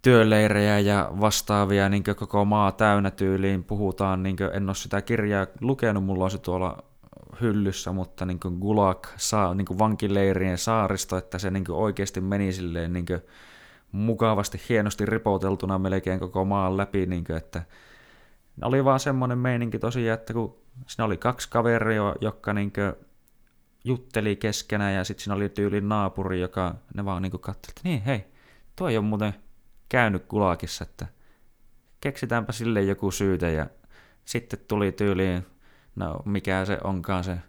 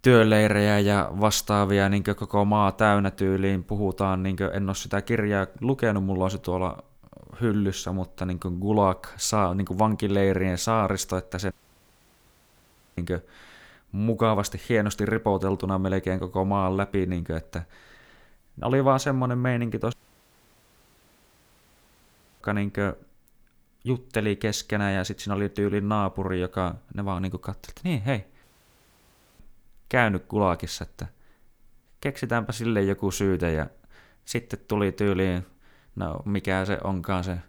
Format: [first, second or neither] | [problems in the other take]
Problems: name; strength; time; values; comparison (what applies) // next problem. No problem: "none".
first | audio cutting out; at 12 s for 1.5 s, at 20 s for 2.5 s and at 28 s for 1 s